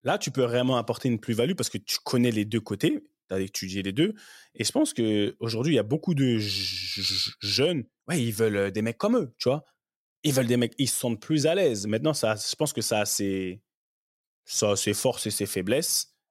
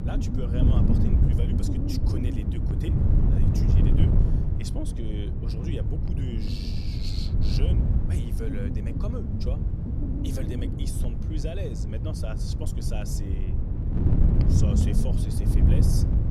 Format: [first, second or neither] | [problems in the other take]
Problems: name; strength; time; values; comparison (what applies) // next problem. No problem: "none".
first | wind noise on the microphone; heavy; 3 dB above the speech